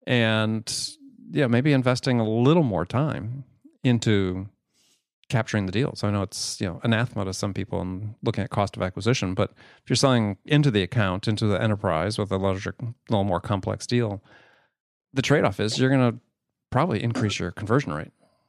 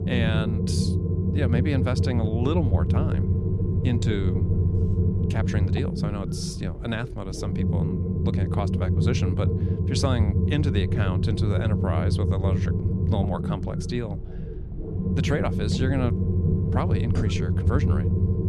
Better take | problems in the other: first | low rumble; loud; throughout; 2 dB below the speech

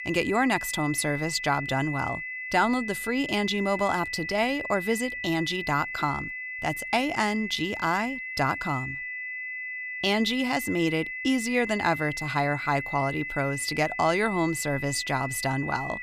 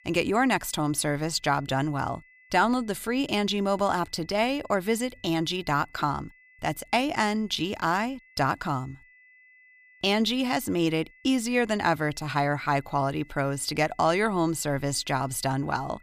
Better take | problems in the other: second | high-pitched whine; loud; throughout; 2 kHz, 6 dB below the speech; faint in the second

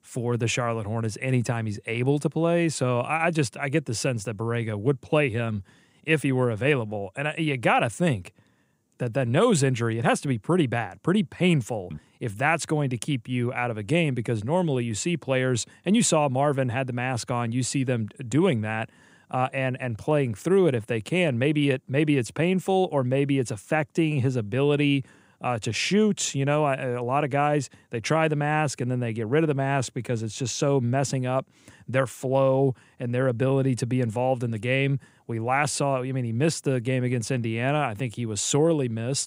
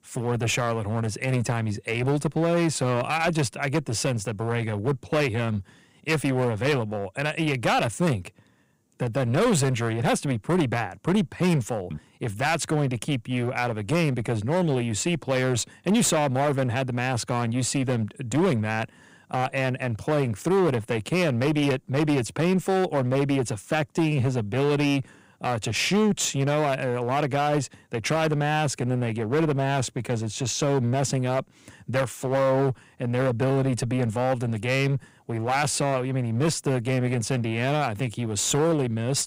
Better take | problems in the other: first | distortion; slight; 14% of the sound clipped

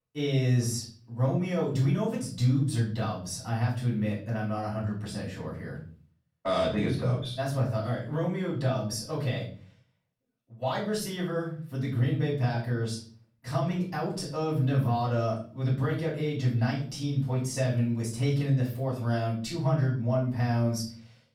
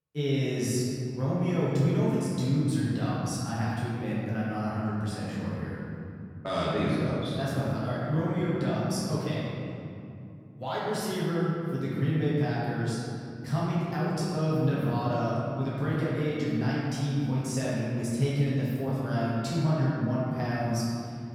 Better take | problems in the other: first | room echo; strong; dies away in 2.7 s; slight in the first // off-mic speech; far; far in the first

